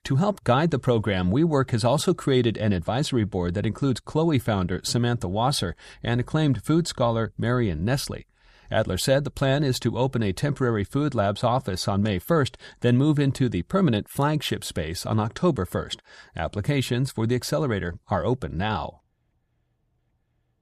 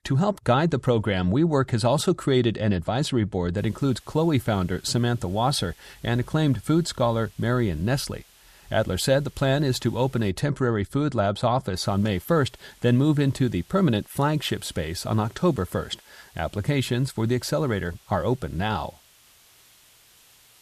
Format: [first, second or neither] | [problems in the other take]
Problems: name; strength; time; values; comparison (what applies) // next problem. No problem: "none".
first | hiss; faint; from 3.5 to 10 s and from 12 s on; 30 dB below the speech